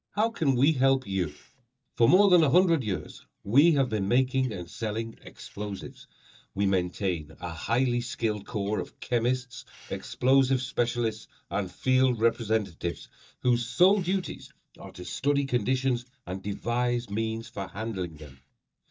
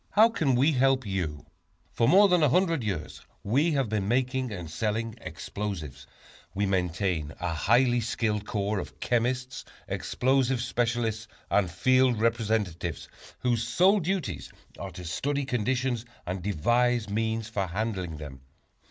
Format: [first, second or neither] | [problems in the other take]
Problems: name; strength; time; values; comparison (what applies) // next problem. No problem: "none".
second | noise reduction (neural mask model DeepFilterNet 3)